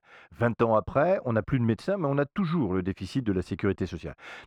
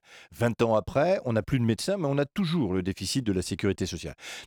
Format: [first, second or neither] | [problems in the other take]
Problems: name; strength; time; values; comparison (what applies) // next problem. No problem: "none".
second | muffled; slightly; fading above 3.5 kHz